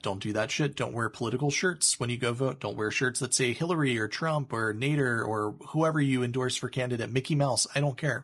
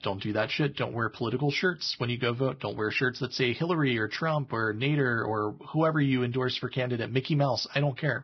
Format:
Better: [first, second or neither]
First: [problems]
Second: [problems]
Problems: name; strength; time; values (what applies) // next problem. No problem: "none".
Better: first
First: garbled, watery; slightly; nothing above 10 kHz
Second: garbled, watery; badly; nothing above 5.5 kHz